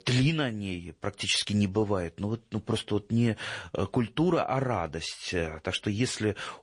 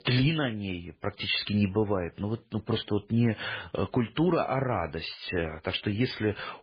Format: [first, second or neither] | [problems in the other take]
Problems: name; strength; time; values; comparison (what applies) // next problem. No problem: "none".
first | garbled, watery; badly; nothing above 4.5 kHz; slightly in the first